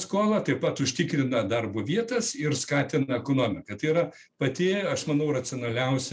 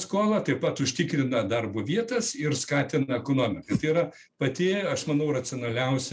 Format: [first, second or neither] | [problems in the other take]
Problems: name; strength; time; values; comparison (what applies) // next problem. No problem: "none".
first | background sound (Whoosh, swoosh, swish); 3 dB below the speech